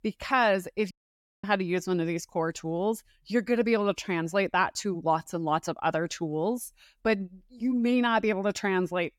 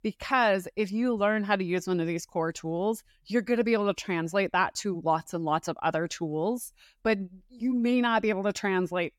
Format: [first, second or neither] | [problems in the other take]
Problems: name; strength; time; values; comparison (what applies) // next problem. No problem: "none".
second | audio cutting out; at 1 s for 0.5 s